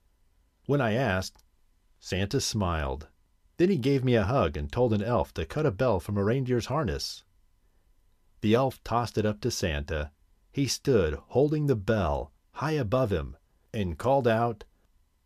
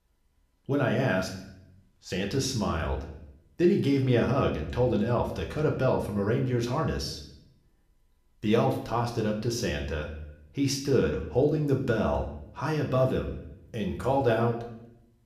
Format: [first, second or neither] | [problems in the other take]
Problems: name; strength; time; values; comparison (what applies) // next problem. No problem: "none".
first | room echo; slight; dies away in 0.6 s // off-mic speech; somewhat distant